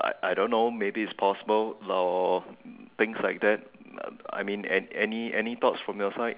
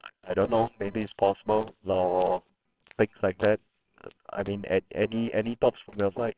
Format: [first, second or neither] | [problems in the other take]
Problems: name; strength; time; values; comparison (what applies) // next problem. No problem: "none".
first | noise reduction (neural separator model SepFormer WHAMR!)